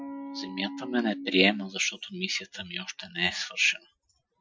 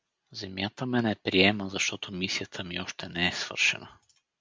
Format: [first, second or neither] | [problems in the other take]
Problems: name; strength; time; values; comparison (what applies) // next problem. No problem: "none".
second | noise reduction (classical method Wiener filter)